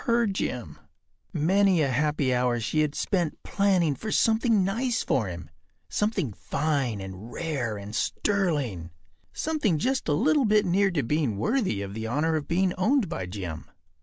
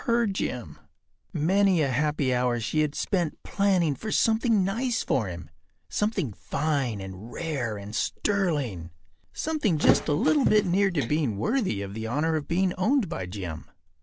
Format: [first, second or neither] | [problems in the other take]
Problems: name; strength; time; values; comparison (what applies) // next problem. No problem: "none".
first | background sound (Thump, thud); 5 dB below the speech